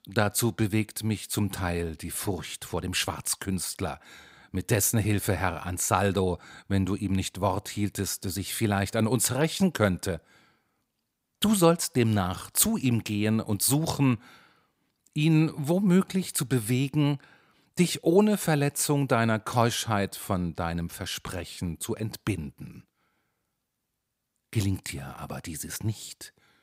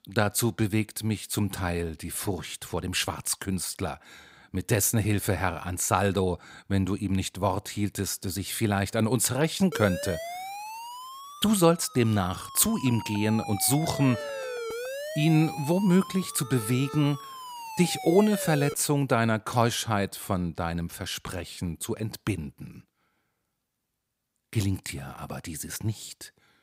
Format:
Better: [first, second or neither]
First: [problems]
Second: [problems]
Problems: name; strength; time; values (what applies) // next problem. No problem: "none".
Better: first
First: none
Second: siren; noticeable; from 9.5 to 19 s; peak 7 dB below the speech